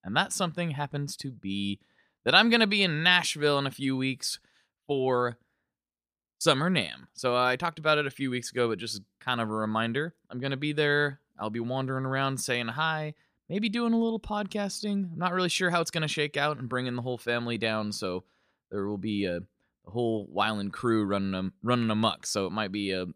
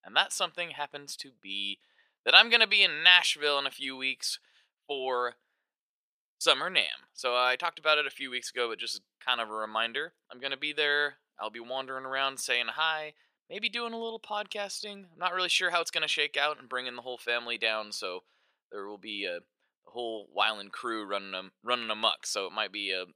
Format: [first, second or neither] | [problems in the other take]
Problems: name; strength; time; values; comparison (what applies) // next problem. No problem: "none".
first | thin; very; fading below 600 Hz